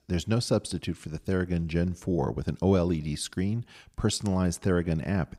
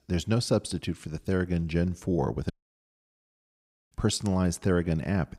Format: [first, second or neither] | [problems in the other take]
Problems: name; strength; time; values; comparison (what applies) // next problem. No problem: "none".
first | audio cutting out; at 2.5 s for 1.5 s